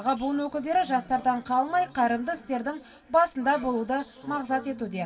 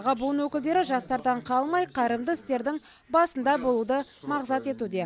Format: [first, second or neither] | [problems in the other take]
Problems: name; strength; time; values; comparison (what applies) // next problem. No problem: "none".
second | room echo; dies away in 2 s